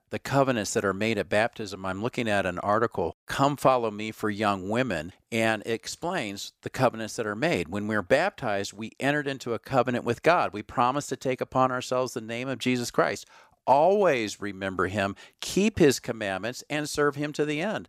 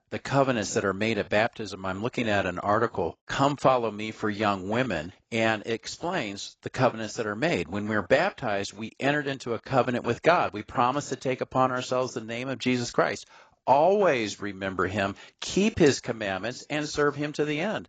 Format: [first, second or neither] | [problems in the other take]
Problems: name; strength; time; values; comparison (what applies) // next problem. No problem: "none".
first | garbled, watery; badly; nothing above 7.5 kHz